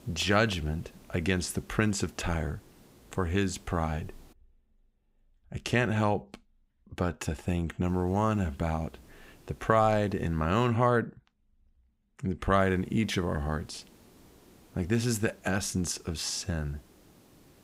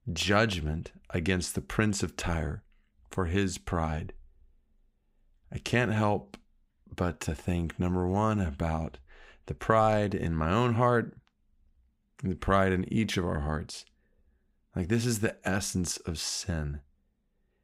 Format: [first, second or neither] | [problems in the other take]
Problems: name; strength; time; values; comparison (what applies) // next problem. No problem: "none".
second | hiss; faint; until 4.5 s, from 8 to 11 s and from 13 s on; 25 dB below the speech